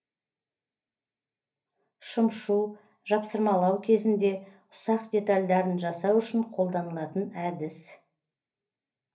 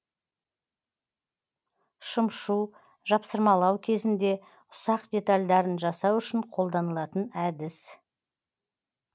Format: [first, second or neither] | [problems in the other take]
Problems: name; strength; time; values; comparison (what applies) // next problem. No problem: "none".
second | room echo; dies away in 0.3 s